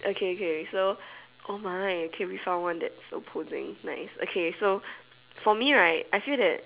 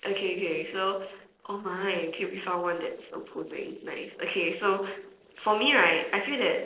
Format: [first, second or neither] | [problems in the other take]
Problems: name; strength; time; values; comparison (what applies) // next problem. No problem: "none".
first | noise reduction (neural separator model SepFormer DNS4)